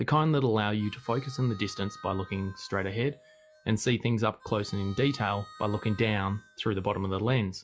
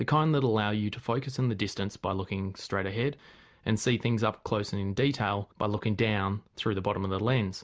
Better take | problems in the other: second | noise reduction (classical method log-MMSE)

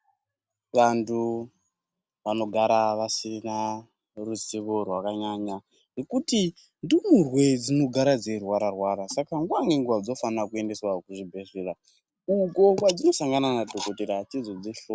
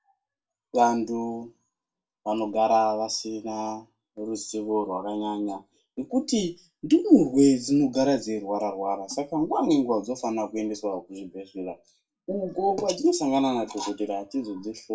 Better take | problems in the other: first | room echo; dies away in 0.2 s

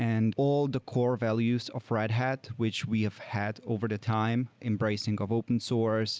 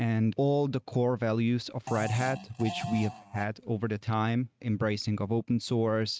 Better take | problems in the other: first | noise reduction (neural mask model RNNoise)

